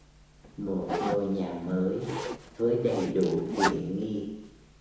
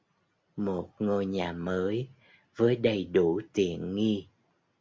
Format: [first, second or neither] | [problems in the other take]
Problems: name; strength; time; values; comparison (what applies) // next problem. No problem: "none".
second | background sound (Zipper (clothing)); 6 dB below the speech // room echo; dies away in 1 s